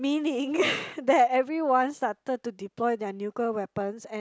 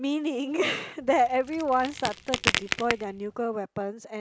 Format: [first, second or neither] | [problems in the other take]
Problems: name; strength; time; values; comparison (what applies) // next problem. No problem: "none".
first | background sound (Crack); 5 dB below the speech